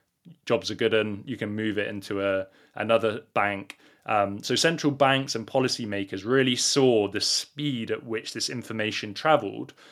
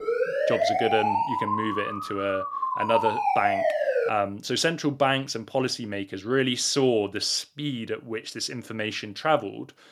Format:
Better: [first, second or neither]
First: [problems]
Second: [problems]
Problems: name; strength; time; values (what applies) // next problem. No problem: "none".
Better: first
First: none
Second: siren; loud; until 4 s; peak 3 dB above the speech